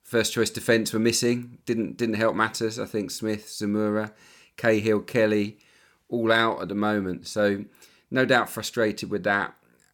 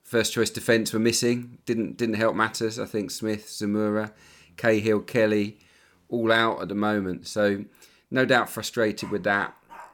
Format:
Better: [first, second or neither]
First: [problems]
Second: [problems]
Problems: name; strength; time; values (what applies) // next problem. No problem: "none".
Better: first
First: none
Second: animal sounds; faint; throughout; 25 dB below the speech